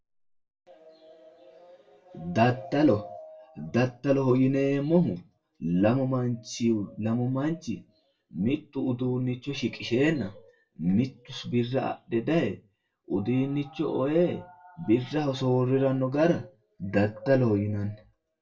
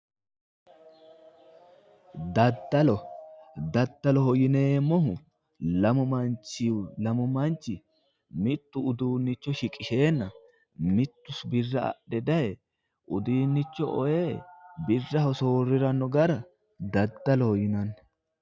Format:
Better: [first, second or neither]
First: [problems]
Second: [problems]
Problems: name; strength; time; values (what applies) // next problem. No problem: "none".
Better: second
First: room echo; dies away in 0.2 s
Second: none